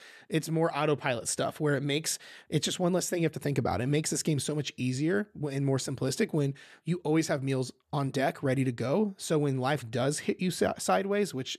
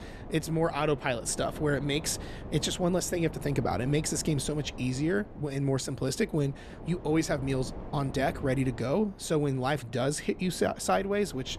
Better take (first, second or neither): first